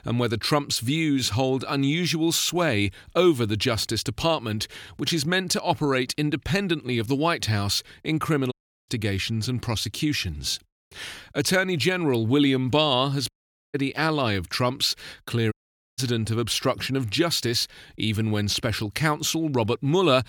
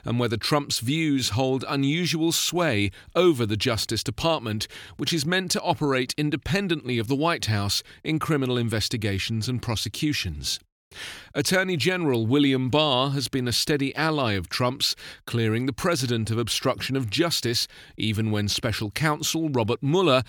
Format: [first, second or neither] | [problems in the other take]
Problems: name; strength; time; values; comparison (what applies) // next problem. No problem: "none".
second | audio cutting out; at 8.5 s, at 13 s and at 16 s